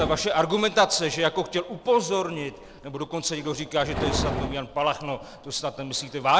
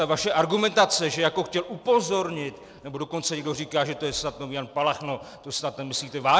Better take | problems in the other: second | background sound (Livestock, farm animals, working animals); 10 dB below the speech

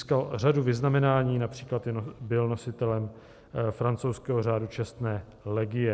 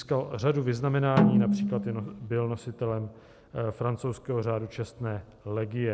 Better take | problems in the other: first | background sound (Snare drum); 1 dB above the speech

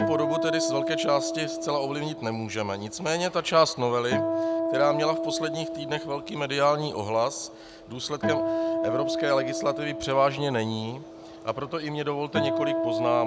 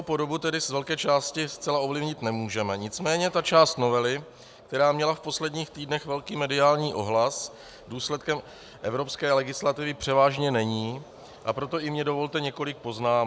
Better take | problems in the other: second | background sound (Acoustic guitar); 2 dB below the speech

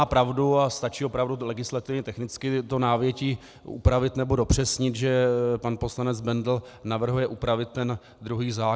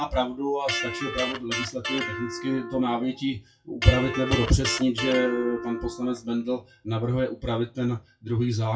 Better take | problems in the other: first | noise reduction (classical method WPE with log-MMSE)

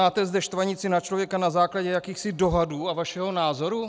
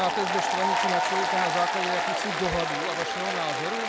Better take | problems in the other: first | background sound (Applause); 4 dB above the speech

